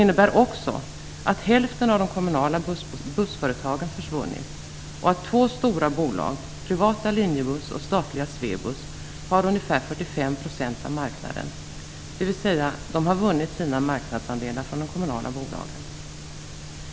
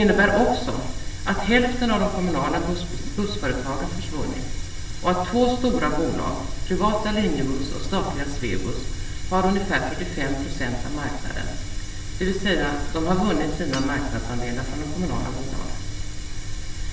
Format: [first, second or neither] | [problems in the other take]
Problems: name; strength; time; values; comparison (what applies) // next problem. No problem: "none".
first | background sound (Shatter / Hammer); 19 dB below the speech // room echo; dies away in 0.8 s